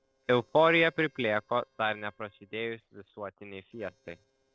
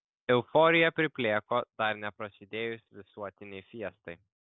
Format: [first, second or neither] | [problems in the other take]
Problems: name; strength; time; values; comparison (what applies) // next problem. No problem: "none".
second | noise reduction (neural separator model SepFormer DNS4)